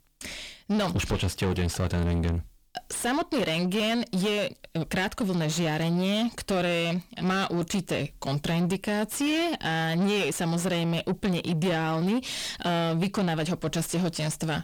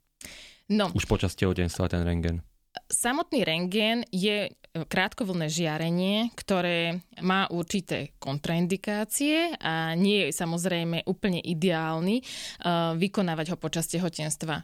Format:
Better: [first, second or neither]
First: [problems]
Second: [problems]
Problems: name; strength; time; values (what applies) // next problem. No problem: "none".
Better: second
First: distortion; heavy; 8 dB below the speech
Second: none